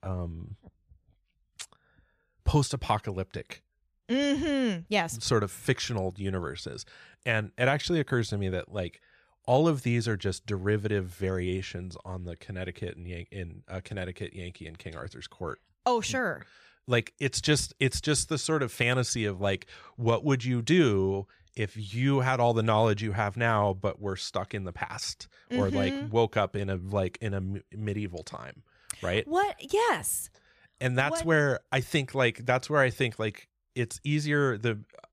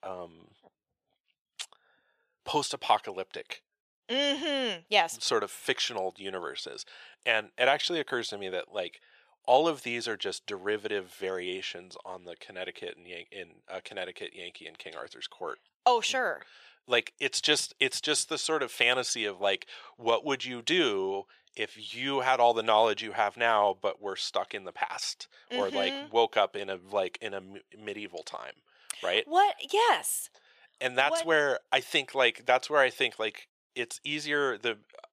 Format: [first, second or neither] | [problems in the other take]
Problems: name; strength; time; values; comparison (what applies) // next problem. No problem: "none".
first | thin; very; fading below 450 Hz